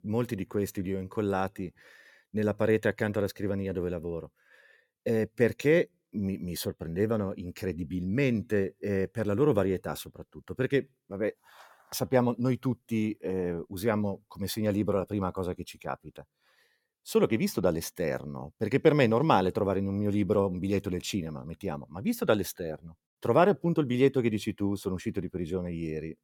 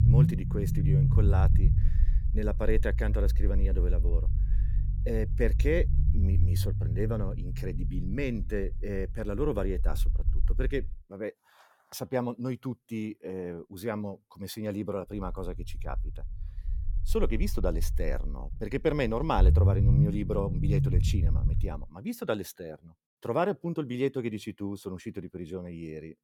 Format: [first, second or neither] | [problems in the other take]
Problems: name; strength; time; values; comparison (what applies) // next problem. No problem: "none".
first | low rumble; loud; until 11 s and from 15 to 22 s; 7 dB below the speech